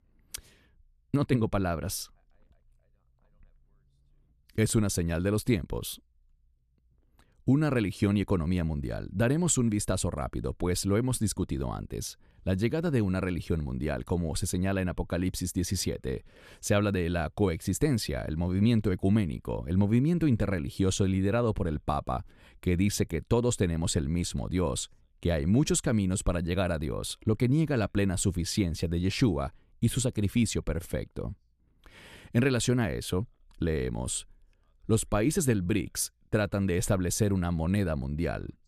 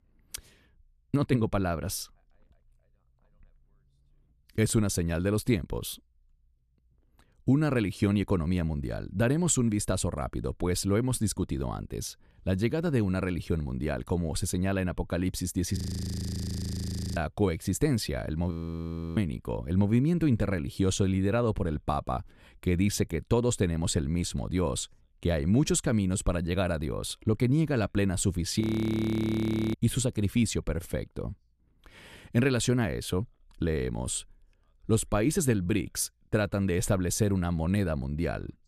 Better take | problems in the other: first | audio freezing; at 16 s for 1.5 s, at 19 s for 0.5 s and at 29 s for 1 s

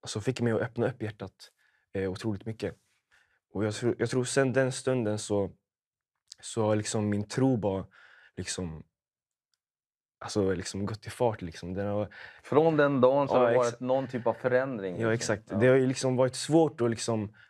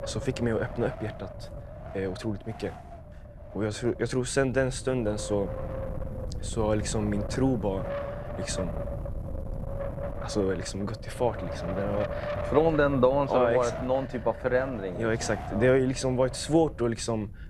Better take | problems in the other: first | wind noise on the microphone; heavy; 10 dB below the speech

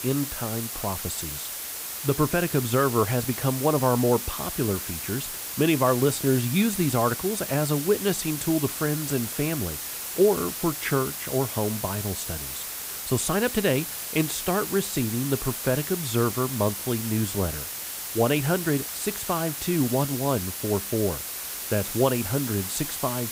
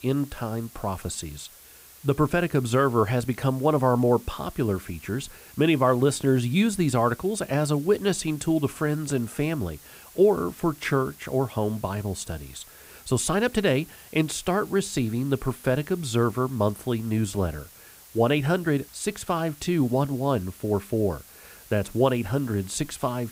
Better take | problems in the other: second | hiss; loud; throughout; 5 dB below the speech; faint in the second

